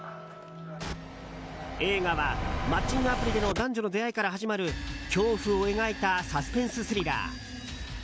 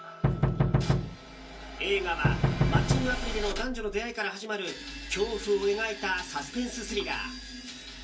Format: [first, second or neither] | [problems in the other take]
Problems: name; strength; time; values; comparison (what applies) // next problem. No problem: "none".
first | background sound (Knock); 4 dB above the speech // room echo; dies away in 0.3 s